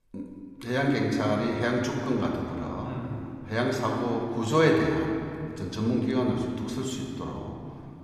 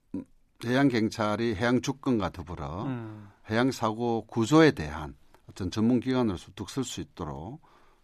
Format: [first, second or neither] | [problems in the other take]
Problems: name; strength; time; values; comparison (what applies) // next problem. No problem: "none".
second | room echo; noticeable; dies away in 2.2 s // off-mic speech; somewhat distant